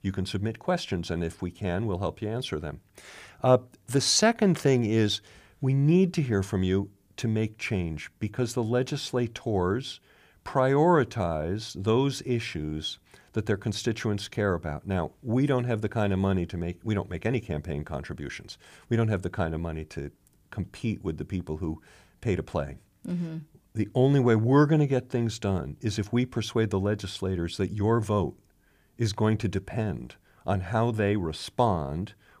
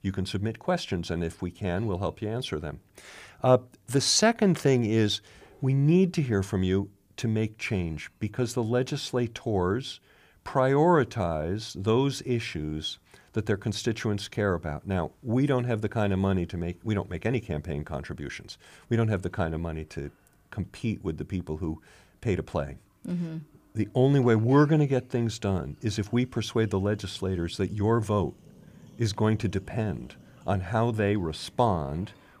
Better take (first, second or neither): first